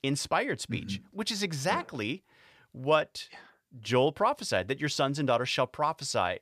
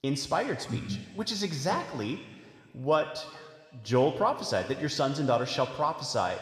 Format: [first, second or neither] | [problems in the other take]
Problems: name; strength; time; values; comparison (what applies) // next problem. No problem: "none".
first | room echo; slight; dies away in 1.6 s